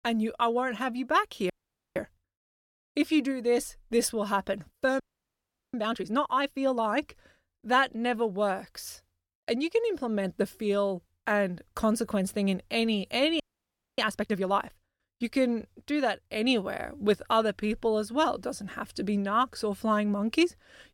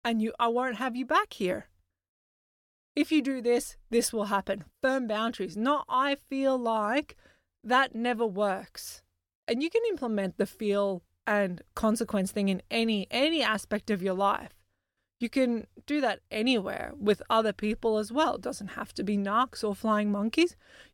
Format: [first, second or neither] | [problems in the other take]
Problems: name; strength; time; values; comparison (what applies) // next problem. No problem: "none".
second | audio freezing; at 1.5 s, at 5 s for 0.5 s and at 13 s for 0.5 s